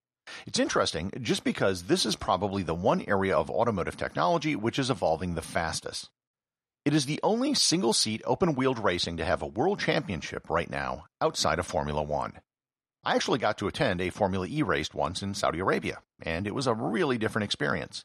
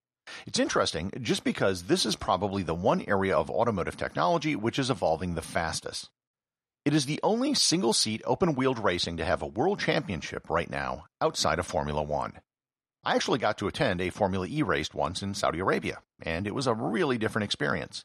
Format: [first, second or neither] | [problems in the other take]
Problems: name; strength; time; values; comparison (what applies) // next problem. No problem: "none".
neither | none